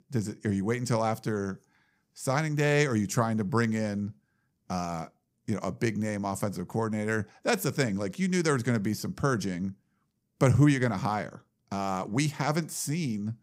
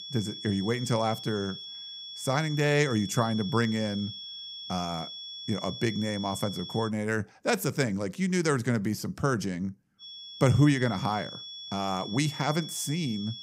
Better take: first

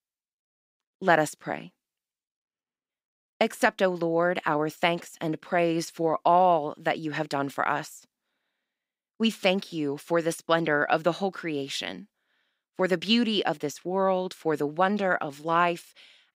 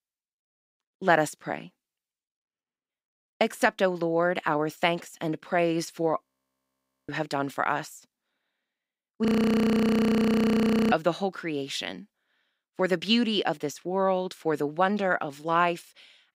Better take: first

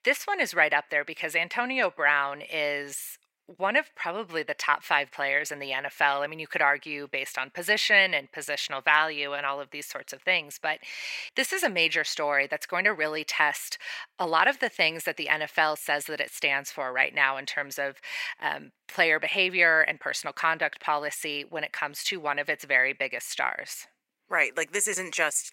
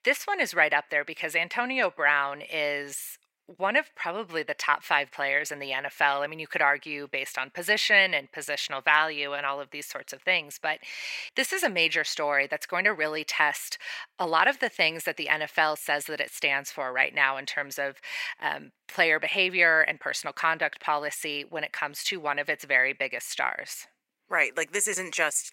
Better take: neither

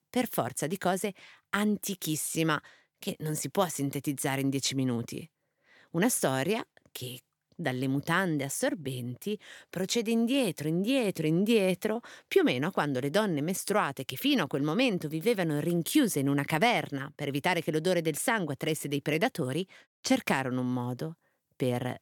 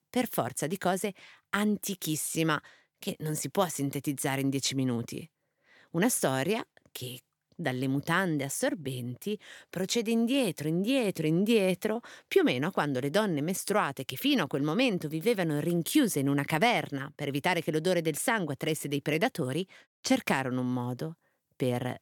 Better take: neither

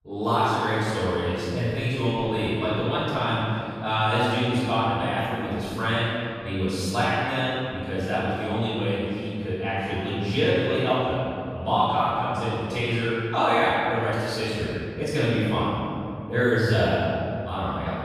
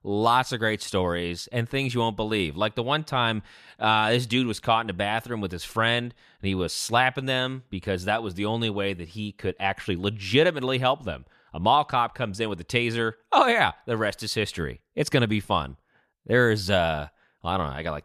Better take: second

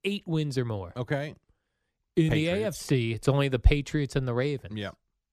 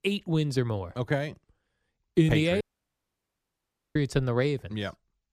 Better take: first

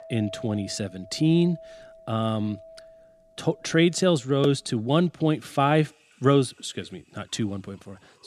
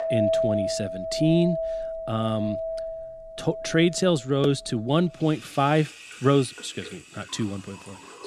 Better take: first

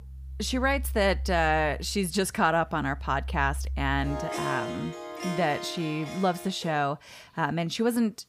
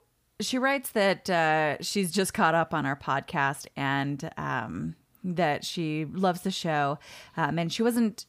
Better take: second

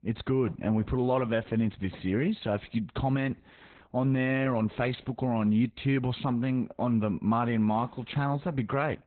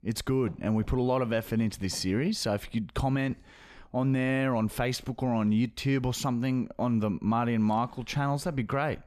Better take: second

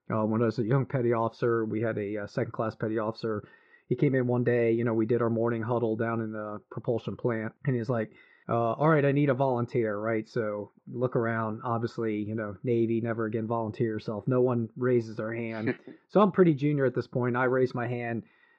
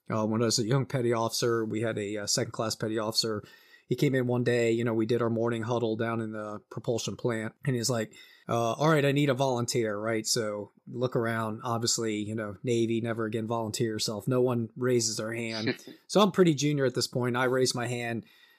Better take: second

